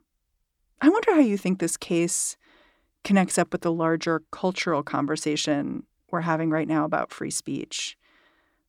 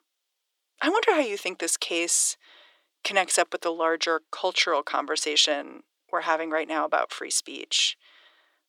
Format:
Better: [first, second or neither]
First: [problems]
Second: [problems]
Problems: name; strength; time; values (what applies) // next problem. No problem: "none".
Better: first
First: none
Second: thin; very; fading below 450 Hz